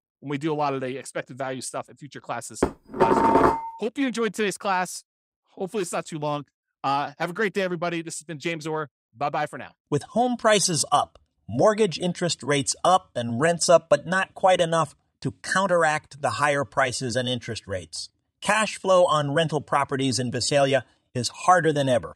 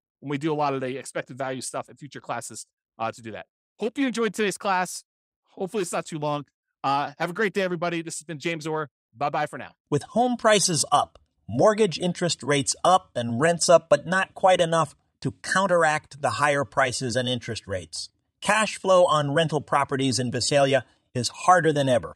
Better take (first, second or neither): second